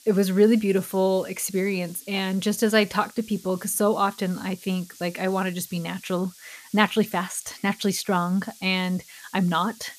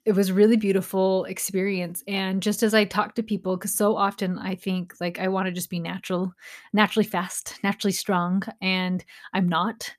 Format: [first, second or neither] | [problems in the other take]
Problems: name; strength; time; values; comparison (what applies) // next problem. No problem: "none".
second | hiss; faint; throughout; 20 dB below the speech